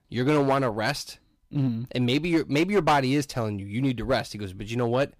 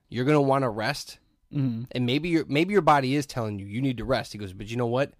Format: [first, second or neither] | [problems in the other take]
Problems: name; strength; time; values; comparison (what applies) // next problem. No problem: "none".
second | distortion; slight; 5% of the sound clipped